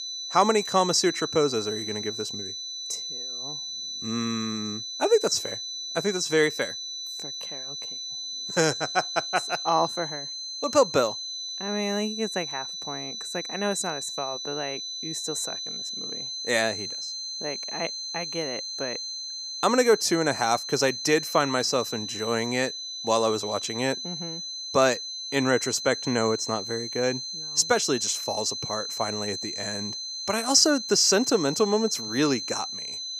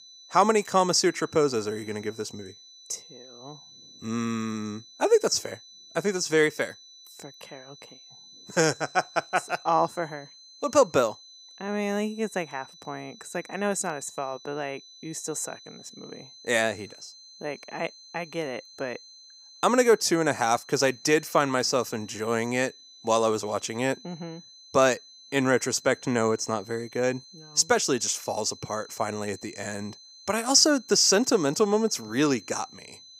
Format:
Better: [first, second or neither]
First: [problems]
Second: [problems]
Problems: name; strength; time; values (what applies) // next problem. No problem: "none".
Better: second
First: high-pitched whine; loud; throughout; 4 kHz, 6 dB below the speech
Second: high-pitched whine; faint; throughout; 4 kHz, 20 dB below the speech